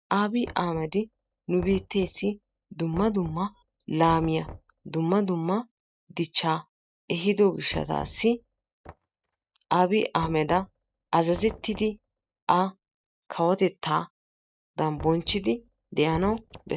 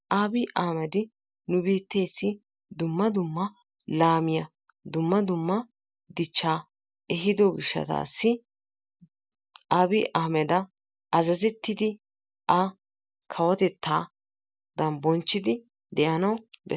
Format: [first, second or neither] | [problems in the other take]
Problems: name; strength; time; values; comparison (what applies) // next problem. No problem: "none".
second | noise reduction (neural mask model RNNoise)